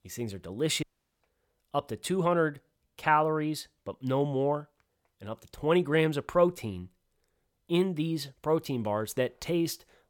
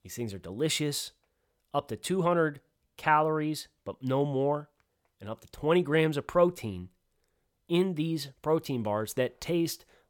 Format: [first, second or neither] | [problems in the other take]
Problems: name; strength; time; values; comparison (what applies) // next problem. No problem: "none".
second | audio cutting out; at 1 s